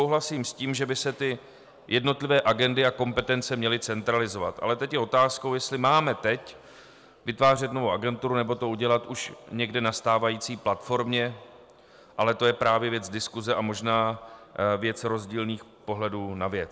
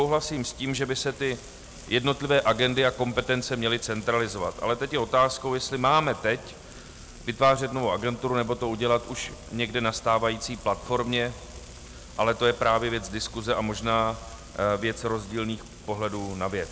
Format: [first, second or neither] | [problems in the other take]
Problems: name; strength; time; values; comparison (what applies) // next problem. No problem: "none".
first | background sound (Frying (food)); 17 dB below the speech